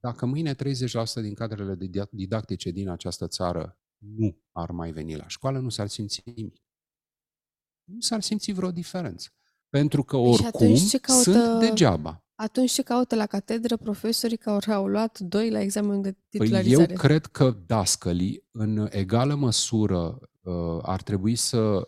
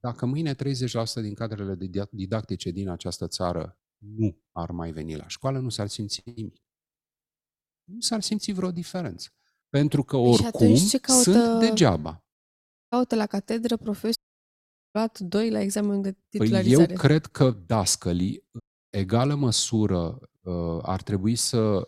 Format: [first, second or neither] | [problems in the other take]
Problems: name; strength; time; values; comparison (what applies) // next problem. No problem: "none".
first | audio cutting out; at 12 s for 0.5 s, at 14 s for 1 s and at 19 s